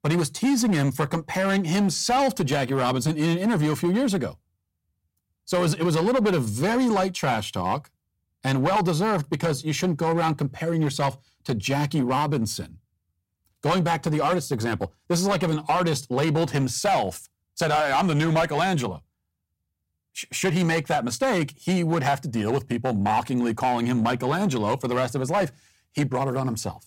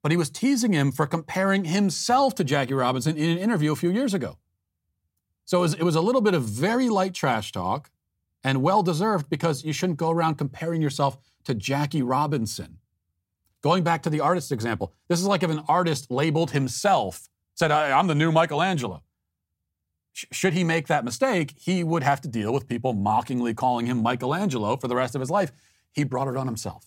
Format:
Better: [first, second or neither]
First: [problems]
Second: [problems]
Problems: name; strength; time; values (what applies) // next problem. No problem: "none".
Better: second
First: distortion; slight; 9% of the sound clipped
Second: none